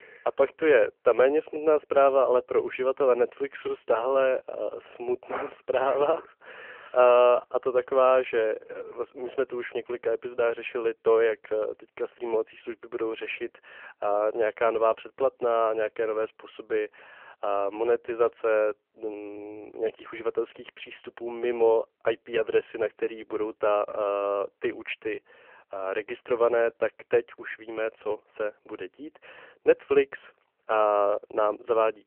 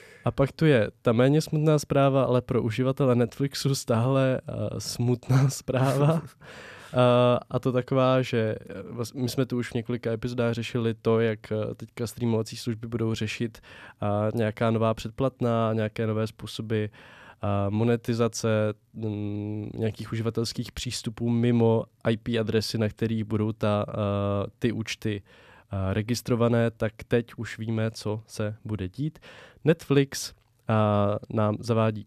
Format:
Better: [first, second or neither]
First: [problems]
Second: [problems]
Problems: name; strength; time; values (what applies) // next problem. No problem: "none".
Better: second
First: phone-call audio; poor line; nothing above 3 kHz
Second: none